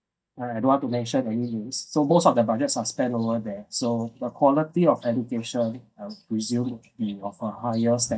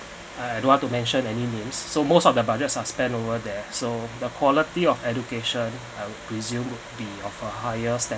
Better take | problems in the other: second | noise reduction (neural mask model DeepFilterNet 3)

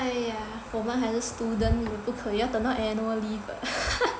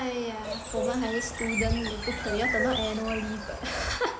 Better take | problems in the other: first | background sound (Bird); 3 dB below the speech

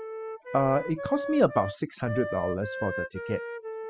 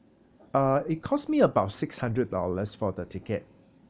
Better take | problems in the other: second | noise reduction (classical method spectral subtraction)

